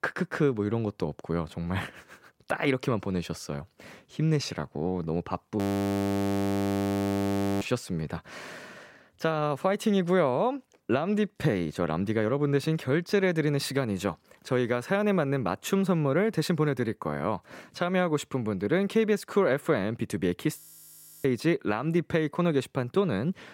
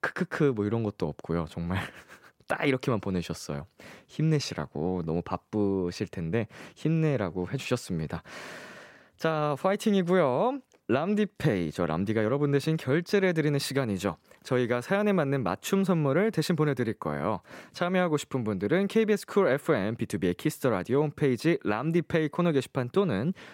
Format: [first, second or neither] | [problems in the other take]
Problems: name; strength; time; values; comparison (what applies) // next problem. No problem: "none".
second | audio freezing; at 5.5 s for 2 s and at 21 s for 0.5 s